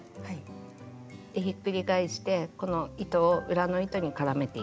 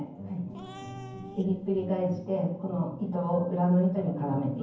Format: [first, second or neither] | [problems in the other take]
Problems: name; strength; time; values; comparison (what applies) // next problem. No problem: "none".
first | background sound (Cat); 18 dB below the speech // room echo; dies away in 0.9 s